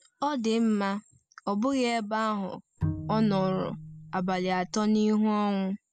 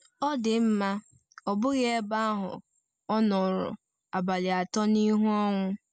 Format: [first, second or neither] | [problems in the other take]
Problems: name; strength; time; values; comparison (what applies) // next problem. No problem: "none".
second | background sound (Bowed string instrument); 8 dB below the speech